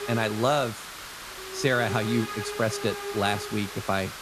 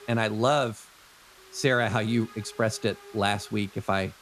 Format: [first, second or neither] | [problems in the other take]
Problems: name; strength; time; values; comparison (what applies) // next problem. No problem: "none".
second | hiss; loud; throughout; 8 dB below the speech; faint in the second